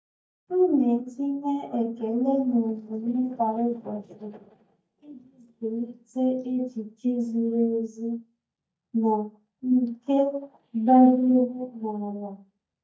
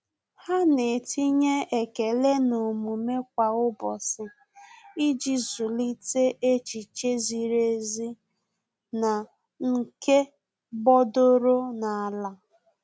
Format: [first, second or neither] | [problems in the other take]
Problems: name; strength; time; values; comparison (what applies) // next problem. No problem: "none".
second | noise reduction (neural mask model DeepFilterNet 3)